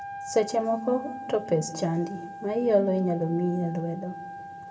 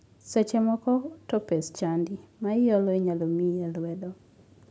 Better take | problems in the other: second | background sound (Wind instrument, woodwind instrument); 12 dB below the speech // room echo; dies away in 1.3 s

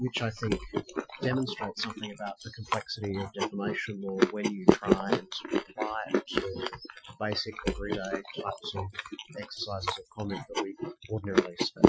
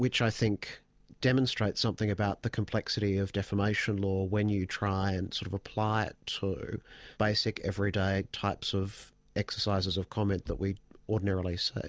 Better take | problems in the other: second | noise reduction (classical method Wiener filter)

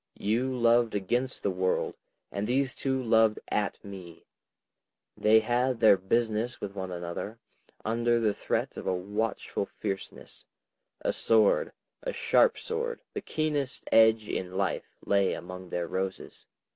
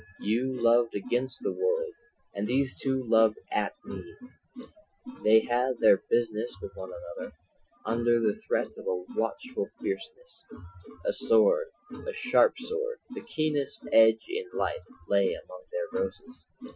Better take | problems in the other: first | noise reduction (classical method Wiener filter)

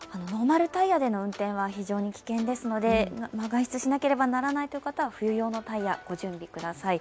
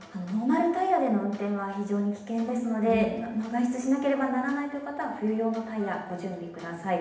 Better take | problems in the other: first | room echo; dies away in 0.8 s

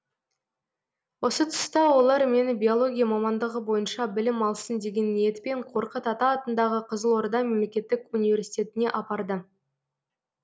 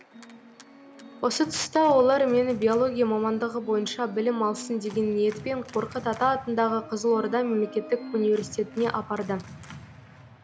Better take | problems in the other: first | background sound (Organ); 17 dB below the speech

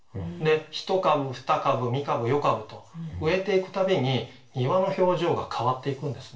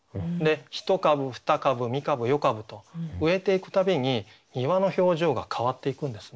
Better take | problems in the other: second | room echo; dies away in 0.3 s

